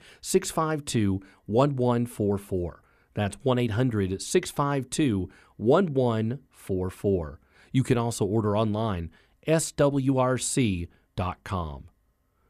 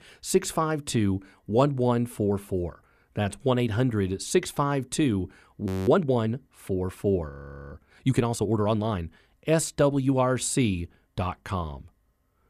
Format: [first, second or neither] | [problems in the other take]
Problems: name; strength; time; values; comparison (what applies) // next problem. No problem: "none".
first | audio freezing; at 5.5 s and at 7.5 s